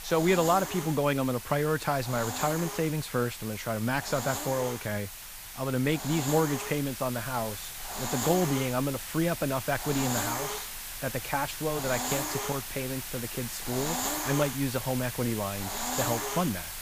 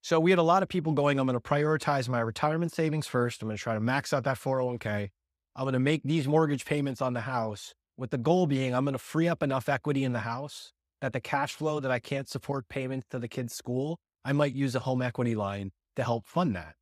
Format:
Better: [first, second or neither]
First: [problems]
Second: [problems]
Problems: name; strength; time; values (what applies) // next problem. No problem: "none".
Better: second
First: hiss; loud; throughout; 4 dB below the speech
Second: none